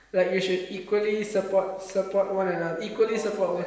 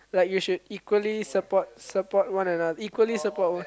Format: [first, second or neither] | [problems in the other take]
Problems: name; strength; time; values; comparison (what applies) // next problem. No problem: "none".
second | room echo; dies away in 1 s